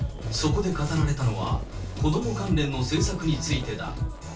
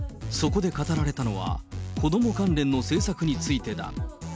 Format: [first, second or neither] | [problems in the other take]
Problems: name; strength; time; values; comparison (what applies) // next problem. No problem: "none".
second | background sound (Fireworks); 18 dB below the speech // room echo; dies away in 0.2 s